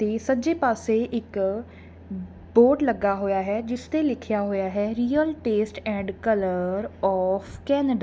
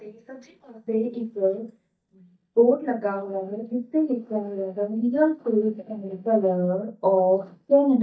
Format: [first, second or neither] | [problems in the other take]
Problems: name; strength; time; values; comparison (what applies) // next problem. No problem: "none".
first | noise reduction (neural mask model DeepFilterNet 3)